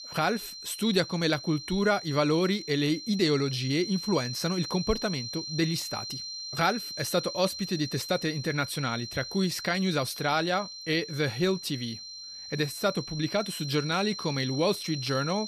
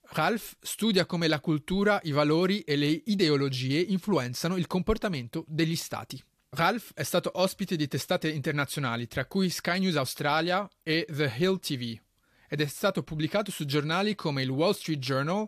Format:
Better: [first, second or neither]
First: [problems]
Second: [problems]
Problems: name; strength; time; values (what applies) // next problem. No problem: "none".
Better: second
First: high-pitched whine; loud; throughout; 4 kHz, 8 dB below the speech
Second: none